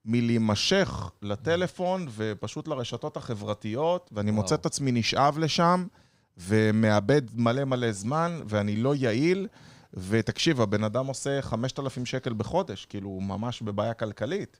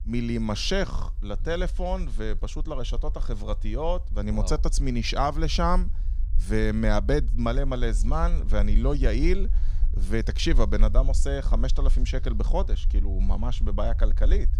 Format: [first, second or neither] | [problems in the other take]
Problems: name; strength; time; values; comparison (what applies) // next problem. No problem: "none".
first | low rumble; faint; throughout; 20 dB below the speech